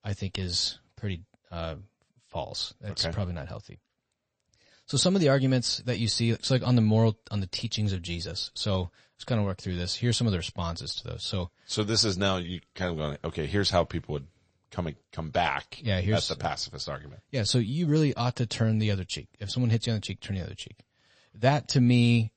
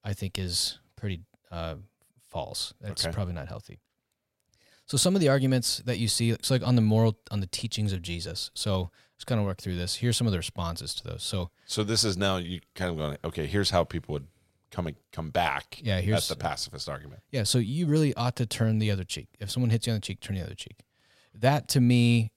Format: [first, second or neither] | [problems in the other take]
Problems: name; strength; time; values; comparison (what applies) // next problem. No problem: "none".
second | garbled, watery; slightly; nothing above 8 kHz